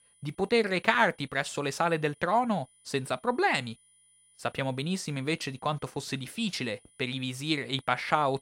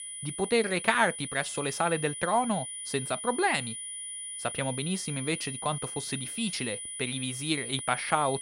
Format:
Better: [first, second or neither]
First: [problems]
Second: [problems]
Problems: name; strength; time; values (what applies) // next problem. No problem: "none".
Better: first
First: high-pitched whine; faint; throughout; 9.5 kHz, 30 dB below the speech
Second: high-pitched whine; loud; throughout; 9.5 kHz, 6 dB below the speech